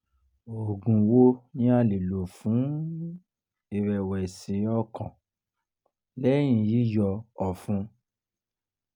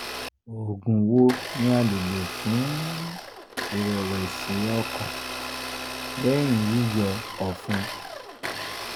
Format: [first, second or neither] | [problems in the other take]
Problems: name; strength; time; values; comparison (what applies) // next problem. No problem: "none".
first | background sound (Domestic sounds, home sounds); 8 dB below the speech